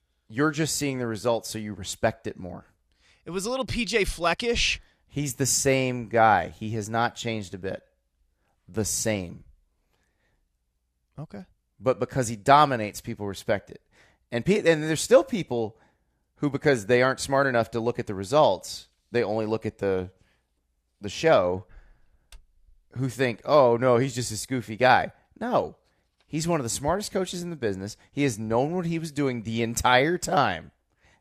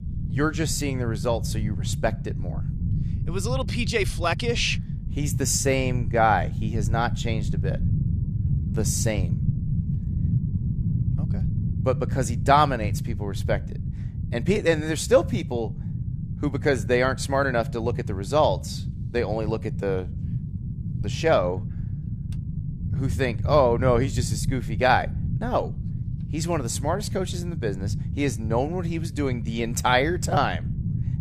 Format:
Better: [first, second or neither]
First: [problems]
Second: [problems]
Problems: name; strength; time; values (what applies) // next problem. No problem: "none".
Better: first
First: none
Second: low rumble; noticeable; throughout; 15 dB below the speech